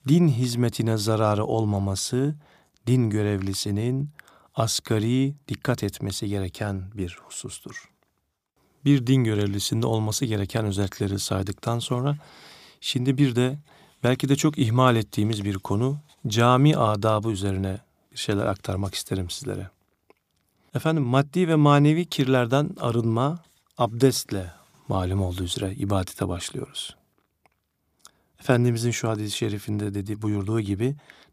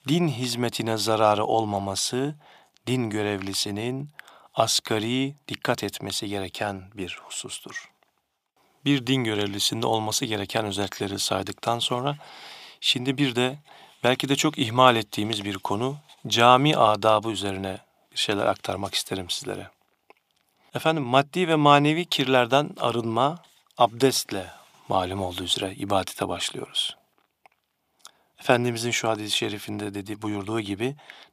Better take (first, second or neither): first